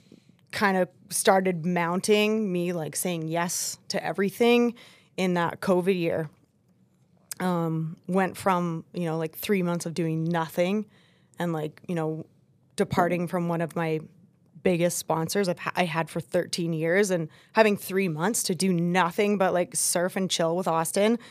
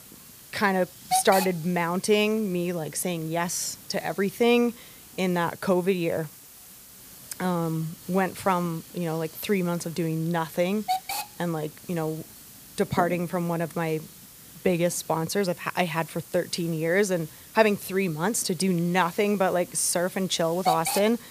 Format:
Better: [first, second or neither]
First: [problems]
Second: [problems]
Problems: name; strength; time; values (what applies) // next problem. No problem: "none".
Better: first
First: none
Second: hiss; noticeable; throughout; 10 dB below the speech